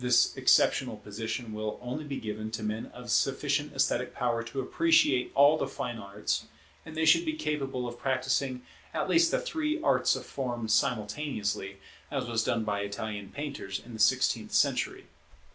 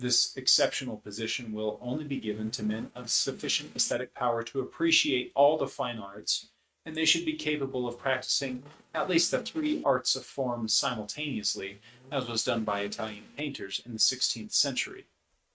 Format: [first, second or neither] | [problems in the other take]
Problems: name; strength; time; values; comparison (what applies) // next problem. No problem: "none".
first | noise reduction (neural mask model RNNoise)